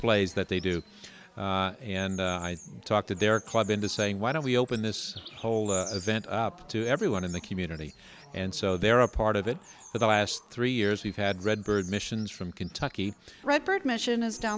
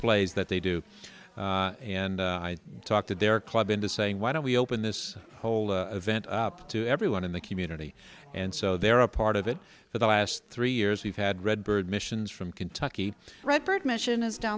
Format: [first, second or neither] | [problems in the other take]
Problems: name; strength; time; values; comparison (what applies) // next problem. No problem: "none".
second | background sound (Bird vocalization, bird call, bird song); 20 dB below the speech